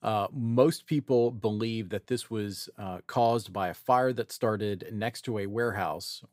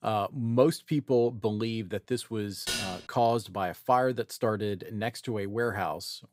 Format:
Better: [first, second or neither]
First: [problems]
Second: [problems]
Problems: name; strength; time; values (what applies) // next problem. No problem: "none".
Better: first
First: none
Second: clattering dishes; noticeable; at 2.5 s; peak 2 dB below the speech